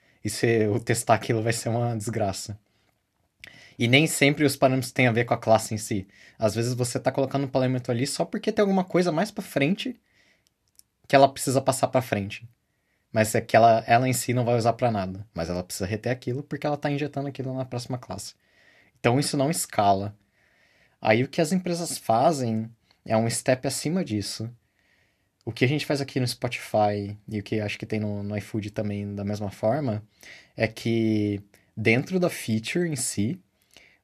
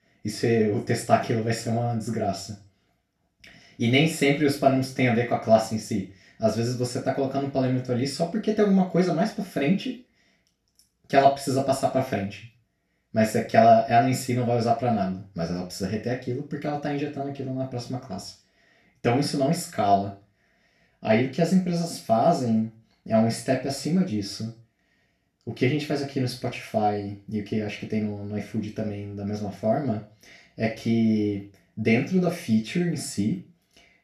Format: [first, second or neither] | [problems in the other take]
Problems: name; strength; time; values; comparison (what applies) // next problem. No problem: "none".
first | room echo; slight; dies away in 0.3 s // off-mic speech; far